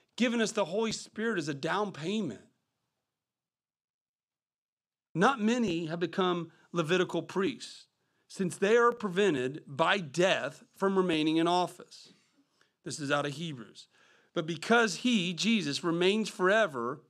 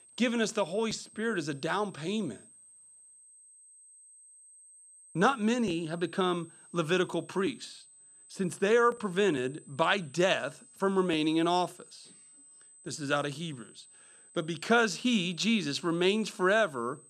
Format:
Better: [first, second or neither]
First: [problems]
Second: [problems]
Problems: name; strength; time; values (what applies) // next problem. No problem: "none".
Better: first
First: none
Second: high-pitched whine; faint; throughout; 8 kHz, 25 dB below the speech